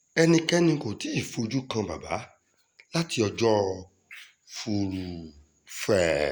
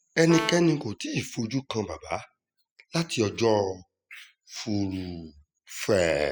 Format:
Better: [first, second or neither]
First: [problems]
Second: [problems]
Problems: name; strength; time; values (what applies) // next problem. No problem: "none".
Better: first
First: none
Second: noise reduction (classical method spectral subtraction)